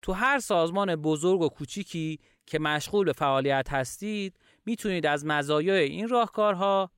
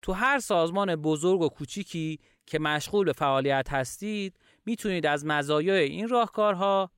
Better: neither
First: none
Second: none

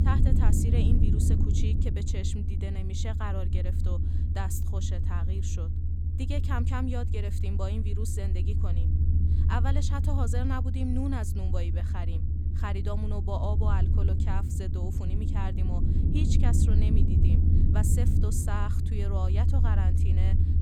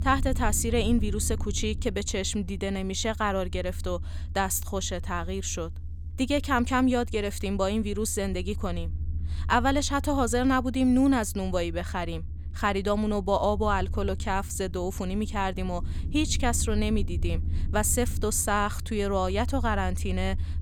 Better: second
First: low rumble; loud; throughout; 2 dB below the speech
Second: low rumble; faint; throughout; 20 dB below the speech

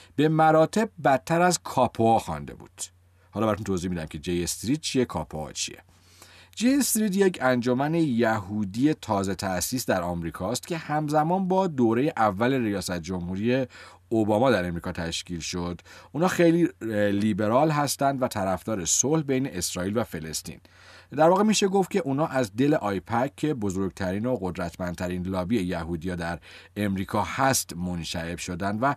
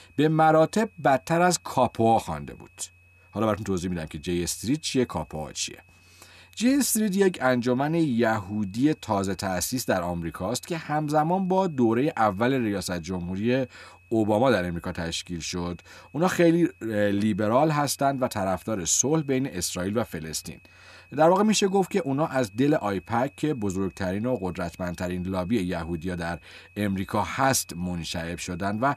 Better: first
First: none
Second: high-pitched whine; faint; throughout; 2.5 kHz, 30 dB below the speech

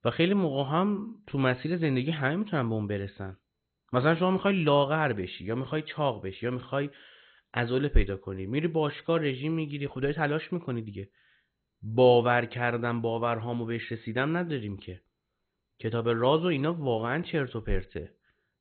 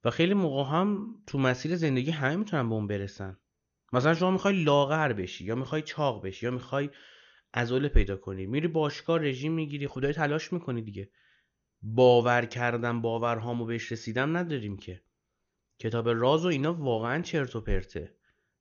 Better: second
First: garbled, watery; badly; nothing above 4 kHz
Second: garbled, watery; slightly; nothing above 6.5 kHz

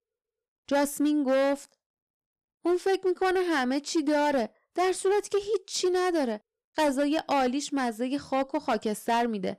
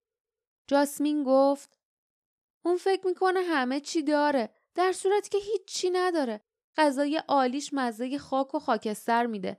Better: second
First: distortion; slight; 8% of the sound clipped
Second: none

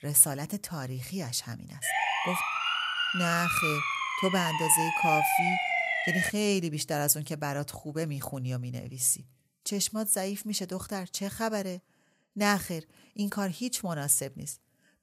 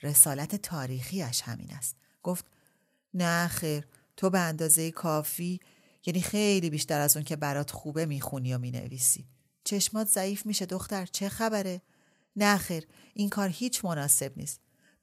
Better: second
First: siren; loud; from 2 to 6.5 s; peak 5 dB above the speech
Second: none

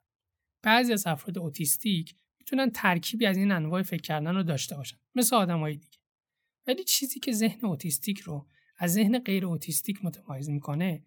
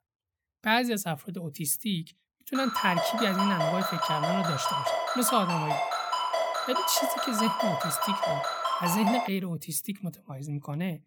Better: first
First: none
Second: phone ringing; loud; from 2.5 to 9.5 s; peak 2 dB above the speech

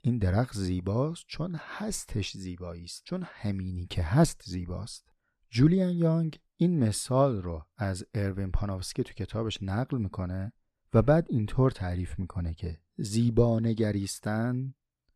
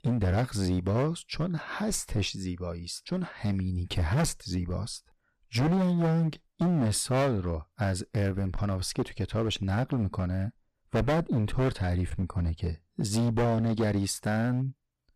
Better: first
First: none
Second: distortion; heavy; 14% of the sound clipped

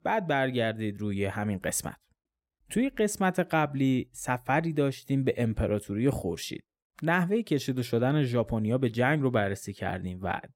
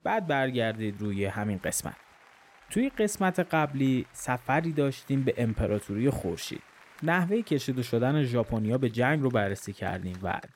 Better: first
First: none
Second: crowd noise; faint; throughout; 25 dB below the speech

